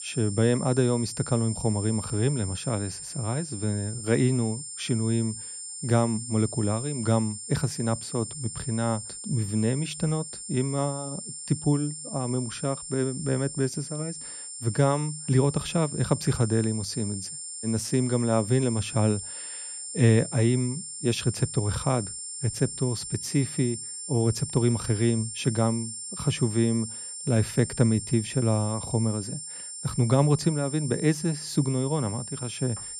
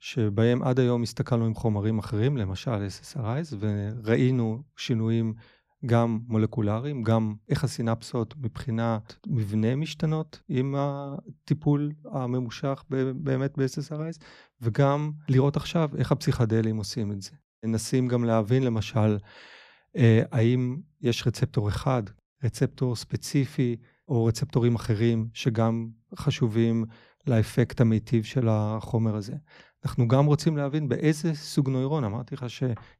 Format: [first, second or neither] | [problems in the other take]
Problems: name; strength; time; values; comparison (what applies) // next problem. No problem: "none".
second | high-pitched whine; loud; throughout; 9 kHz, 8 dB below the speech